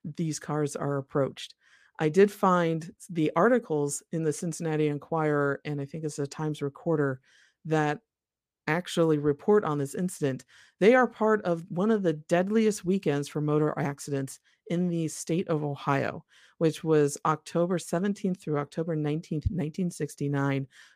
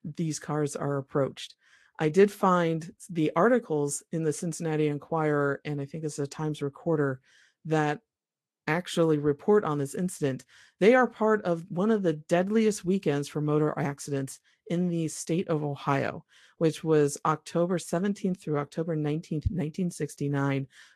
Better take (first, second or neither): first